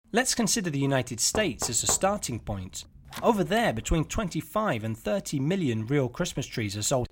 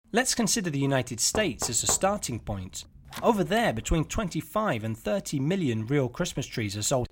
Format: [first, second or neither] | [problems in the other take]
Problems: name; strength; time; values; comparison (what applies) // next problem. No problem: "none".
neither | door banging; noticeable; from 1.5 to 3.5 s; peak 9 dB below the speech; the same in both